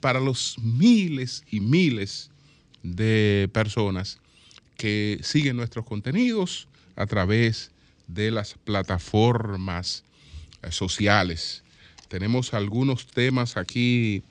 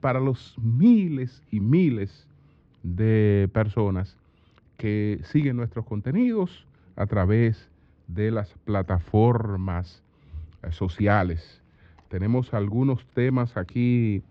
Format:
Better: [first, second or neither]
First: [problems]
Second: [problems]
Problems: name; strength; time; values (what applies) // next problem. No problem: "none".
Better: first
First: none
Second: muffled; very; fading above 1.5 kHz